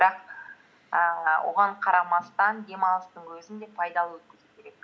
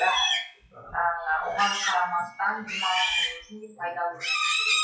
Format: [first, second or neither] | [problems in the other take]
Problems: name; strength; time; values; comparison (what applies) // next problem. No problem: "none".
first | noise reduction (classical method WPE with log-MMSE)